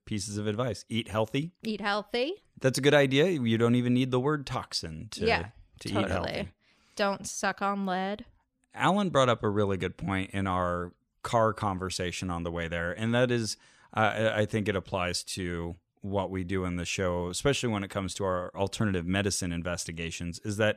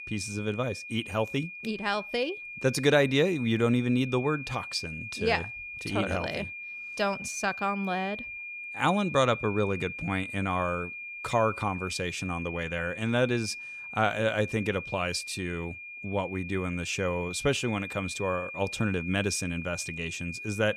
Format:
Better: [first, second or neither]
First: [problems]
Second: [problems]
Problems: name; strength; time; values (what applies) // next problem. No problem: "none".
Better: first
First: none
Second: high-pitched whine; loud; throughout; 2.5 kHz, 8 dB below the speech